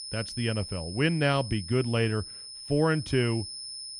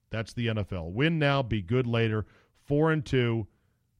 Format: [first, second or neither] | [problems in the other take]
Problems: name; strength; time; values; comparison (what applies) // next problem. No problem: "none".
second | high-pitched whine; noticeable; throughout; 5 kHz, 10 dB below the speech